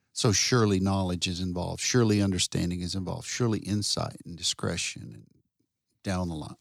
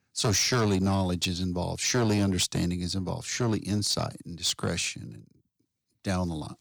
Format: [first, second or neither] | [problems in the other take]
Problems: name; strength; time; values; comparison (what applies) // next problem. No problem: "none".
first | distortion; slight; 5% of the sound clipped